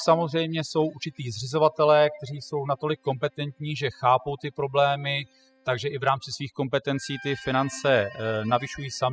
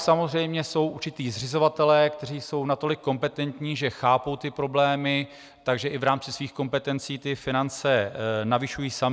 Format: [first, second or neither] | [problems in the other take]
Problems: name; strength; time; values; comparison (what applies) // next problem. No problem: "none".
second | noise reduction (classical method spectral subtraction)